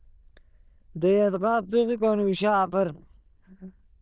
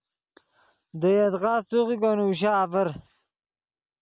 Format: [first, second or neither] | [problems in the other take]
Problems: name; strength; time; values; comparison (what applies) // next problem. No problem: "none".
second | noise reduction (neural diffusion model UNIVERSE++)